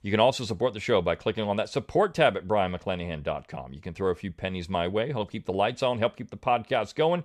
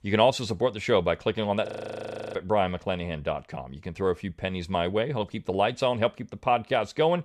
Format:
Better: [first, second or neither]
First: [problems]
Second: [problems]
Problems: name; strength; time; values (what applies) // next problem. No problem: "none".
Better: first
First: none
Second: audio freezing; at 1.5 s for 0.5 s